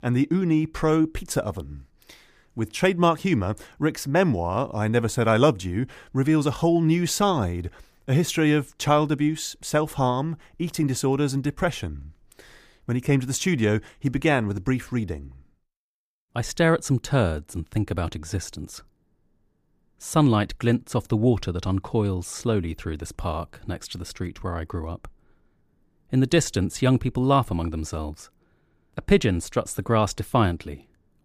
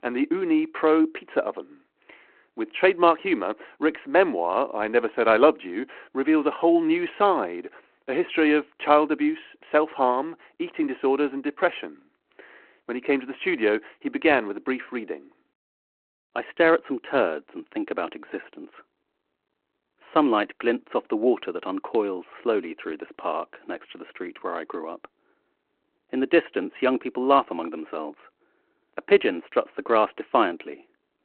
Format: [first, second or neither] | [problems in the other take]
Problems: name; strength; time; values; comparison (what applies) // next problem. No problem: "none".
first | phone-call audio